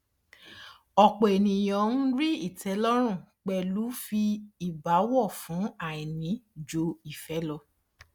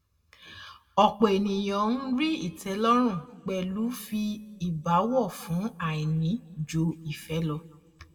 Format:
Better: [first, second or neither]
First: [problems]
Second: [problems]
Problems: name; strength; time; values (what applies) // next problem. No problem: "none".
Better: first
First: none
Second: room echo; dies away in 1.3 s